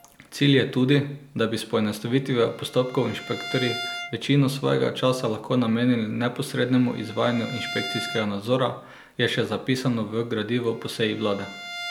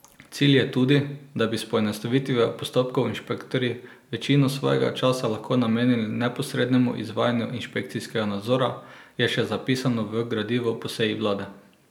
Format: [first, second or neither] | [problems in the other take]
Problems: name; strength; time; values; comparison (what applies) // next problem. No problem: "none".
second | background sound (Bowed string instrument); 15 dB below the speech